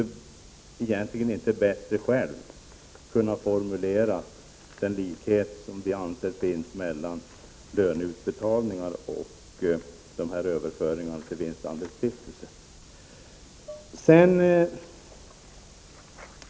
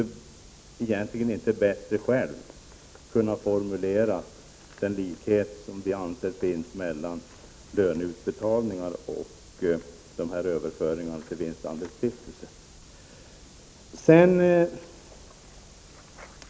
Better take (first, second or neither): second